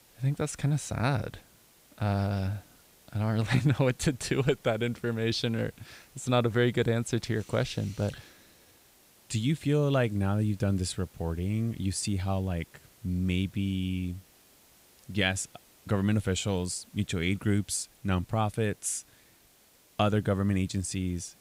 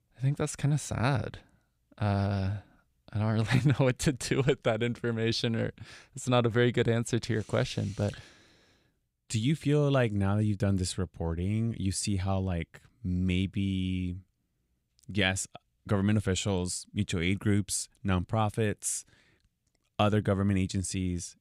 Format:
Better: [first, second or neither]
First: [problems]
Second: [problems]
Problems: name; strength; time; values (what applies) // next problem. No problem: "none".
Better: second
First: hiss; faint; throughout; 30 dB below the speech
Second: none